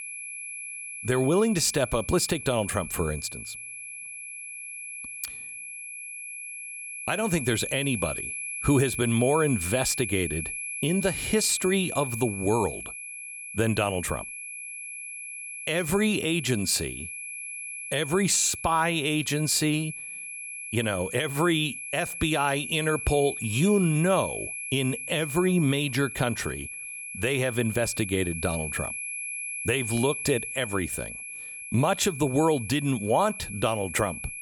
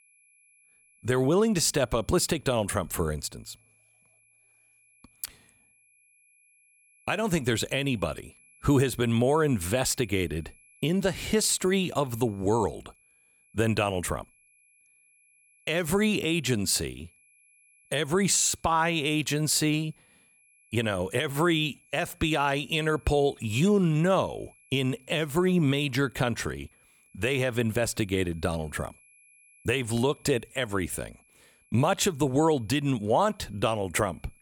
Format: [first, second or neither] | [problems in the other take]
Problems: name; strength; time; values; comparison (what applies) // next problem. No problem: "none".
second | high-pitched whine; loud; throughout; 2.5 kHz, 8 dB below the speech; faint in the second